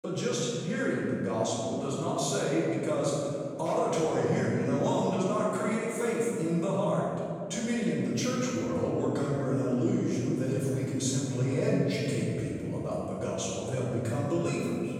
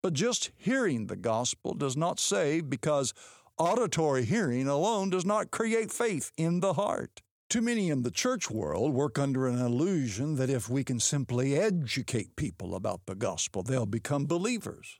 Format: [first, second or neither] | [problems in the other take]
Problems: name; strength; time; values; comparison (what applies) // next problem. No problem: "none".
second | off-mic speech; far // room echo; strong; dies away in 2.9 s